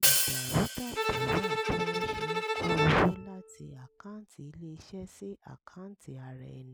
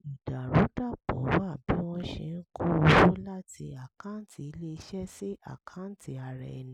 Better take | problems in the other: second | background sound (Bowed string instrument + Hi-hat); 3 dB above the speech

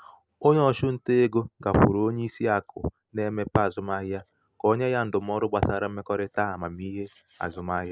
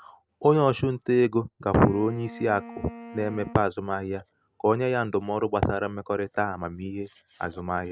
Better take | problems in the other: first | background sound (Wind instrument, woodwind instrument); 18 dB below the speech

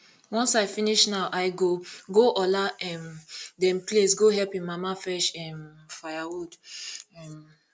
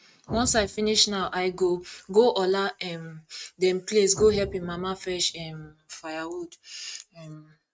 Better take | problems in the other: first | noise reduction (neural mask model RNNoise)

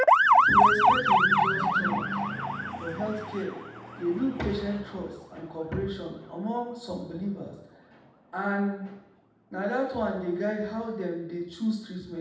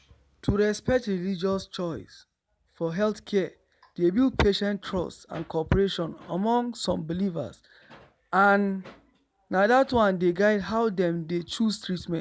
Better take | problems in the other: second | background sound (Motor vehicle (road) / Siren); 4 dB above the speech // room echo; dies away in 0.8 s

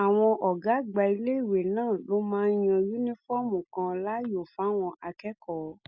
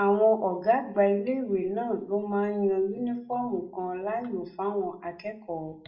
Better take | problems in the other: first | room echo; dies away in 0.4 s

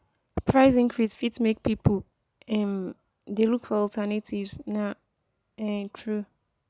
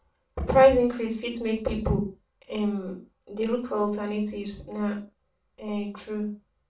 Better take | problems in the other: first | room echo; dies away in 0.3 s

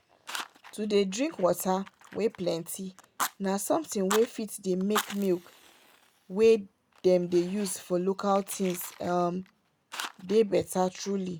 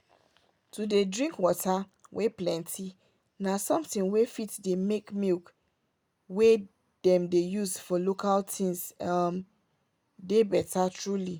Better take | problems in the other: second | background sound (Fire); 13 dB below the speech

